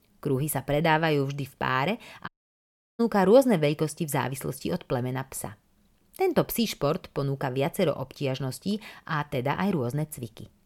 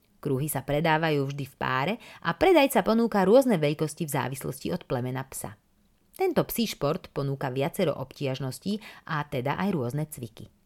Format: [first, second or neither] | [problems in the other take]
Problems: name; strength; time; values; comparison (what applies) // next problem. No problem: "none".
second | audio cutting out; at 2.5 s for 0.5 s